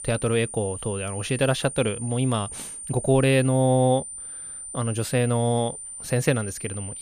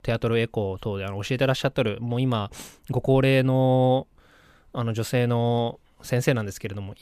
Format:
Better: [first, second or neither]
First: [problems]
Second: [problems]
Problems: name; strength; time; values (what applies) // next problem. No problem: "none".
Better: second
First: high-pitched whine; loud; throughout; 9 kHz, 10 dB below the speech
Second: none